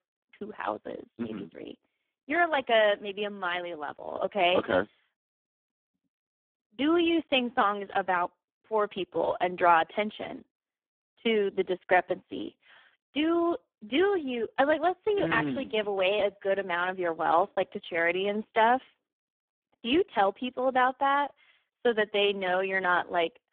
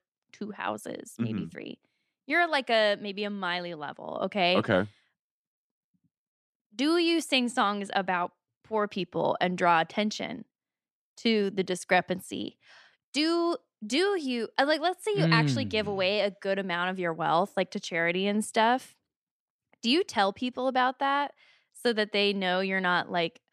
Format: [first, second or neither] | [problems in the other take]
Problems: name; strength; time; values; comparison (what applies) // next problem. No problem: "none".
second | phone-call audio; poor line; nothing above 3.5 kHz